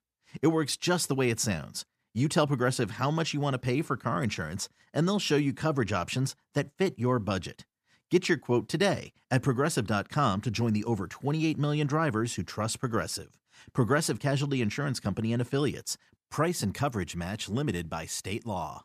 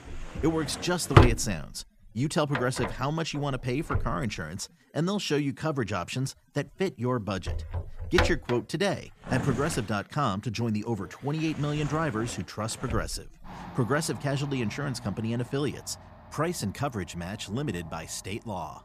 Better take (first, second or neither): first